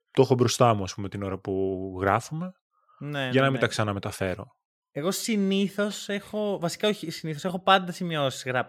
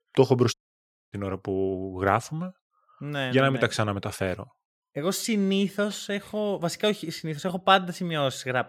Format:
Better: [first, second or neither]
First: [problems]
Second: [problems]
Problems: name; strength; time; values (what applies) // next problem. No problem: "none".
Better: first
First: none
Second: audio cutting out; at 0.5 s for 0.5 s